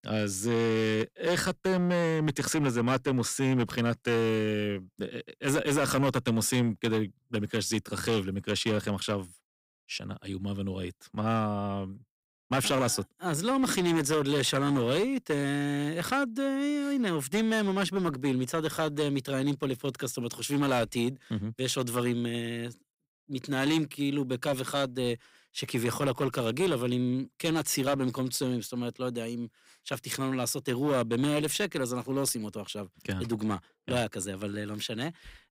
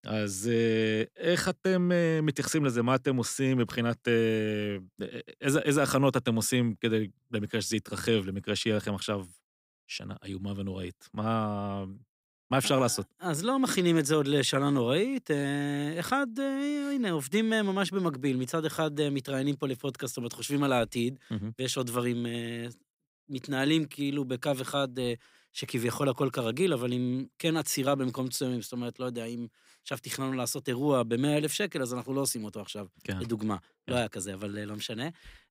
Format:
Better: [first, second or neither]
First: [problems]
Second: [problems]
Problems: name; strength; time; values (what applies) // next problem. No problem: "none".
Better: second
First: distortion; slight; 7% of the sound clipped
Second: none